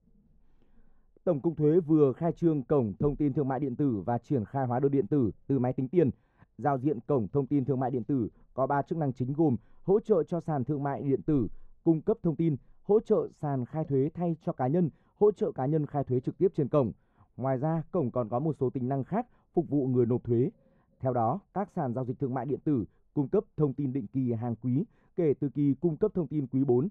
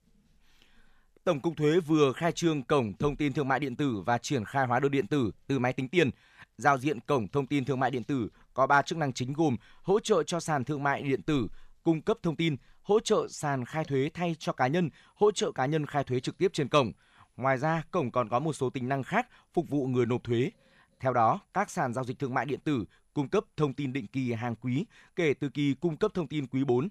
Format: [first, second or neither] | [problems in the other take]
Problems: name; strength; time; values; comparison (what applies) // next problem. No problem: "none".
second | muffled; very; fading above 1.5 kHz